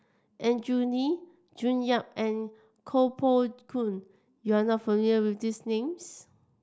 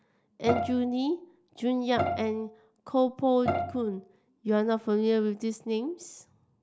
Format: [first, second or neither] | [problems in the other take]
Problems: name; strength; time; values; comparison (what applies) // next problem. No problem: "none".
first | background sound (Bowed string instrument); 5 dB below the speech